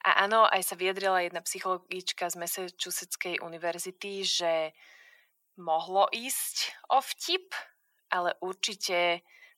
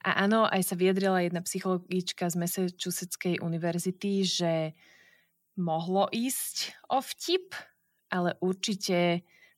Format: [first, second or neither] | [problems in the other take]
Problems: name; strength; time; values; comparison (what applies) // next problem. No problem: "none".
second | thin; very; fading below 600 Hz